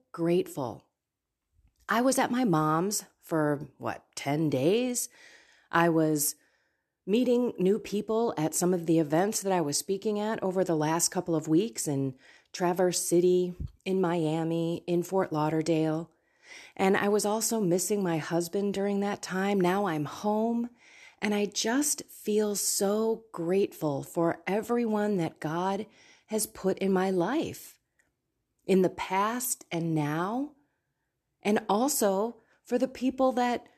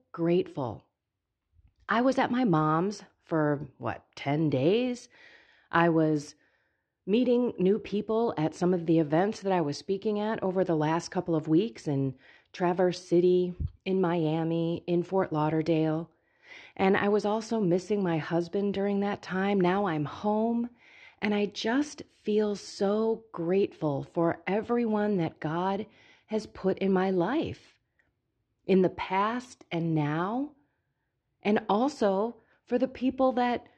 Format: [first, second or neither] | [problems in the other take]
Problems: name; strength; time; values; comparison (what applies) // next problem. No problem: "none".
first | muffled; slightly; fading above 4 kHz